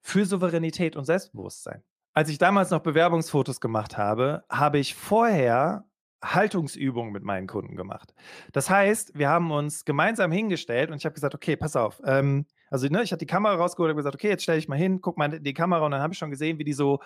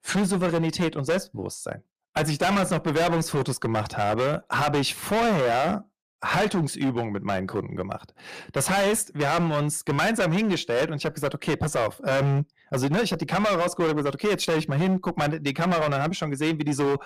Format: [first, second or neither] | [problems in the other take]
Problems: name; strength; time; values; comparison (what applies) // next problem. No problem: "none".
first | distortion; heavy; 18% of the sound clipped